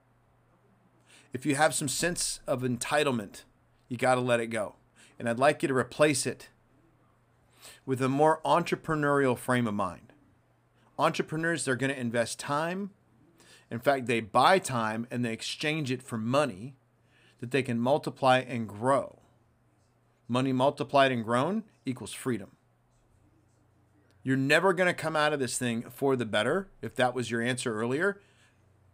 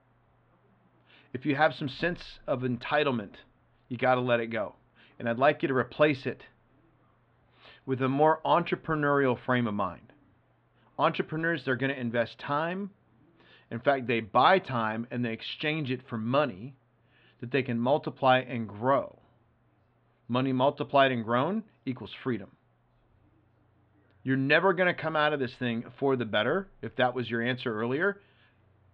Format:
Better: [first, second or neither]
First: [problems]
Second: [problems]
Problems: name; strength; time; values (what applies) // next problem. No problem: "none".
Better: first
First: none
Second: muffled; slightly; fading above 3.5 kHz